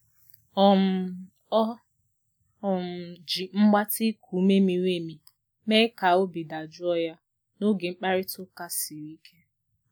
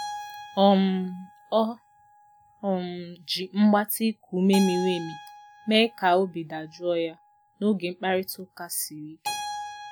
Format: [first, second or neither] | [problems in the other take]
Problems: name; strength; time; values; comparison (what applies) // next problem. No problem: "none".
first | background sound (Keyboard (musical)); 14 dB below the speech